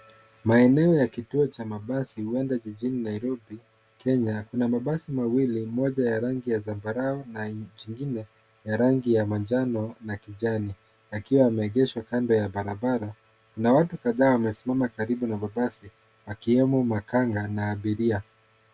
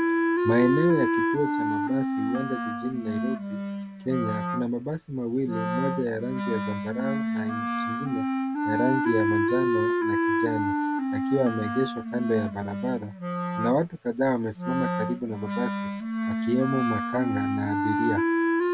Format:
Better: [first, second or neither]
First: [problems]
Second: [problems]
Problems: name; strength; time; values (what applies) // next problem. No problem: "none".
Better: first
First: none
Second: background sound (Wind instrument, woodwind instrument); 2 dB above the speech